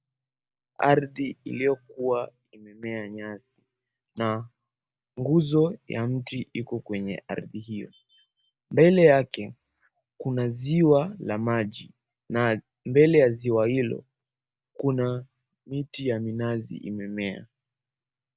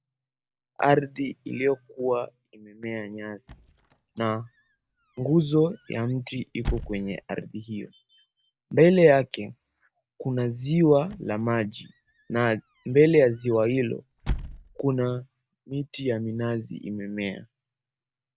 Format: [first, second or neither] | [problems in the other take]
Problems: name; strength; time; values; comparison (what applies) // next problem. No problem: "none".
first | background sound (Squeak / Slam / Wood); 12 dB below the speech